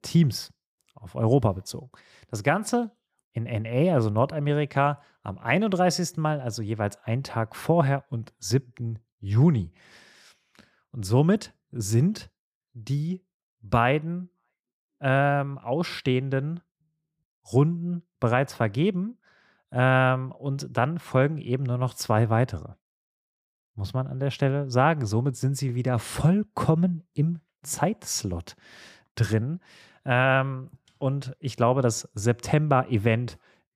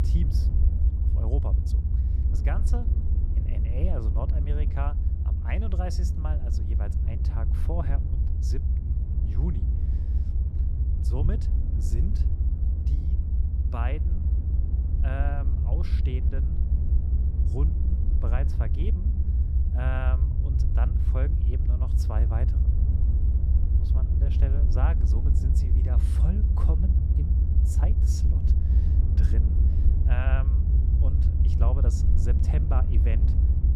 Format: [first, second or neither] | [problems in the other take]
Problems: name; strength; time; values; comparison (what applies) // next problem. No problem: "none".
first | low rumble; loud; throughout; 2 dB below the speech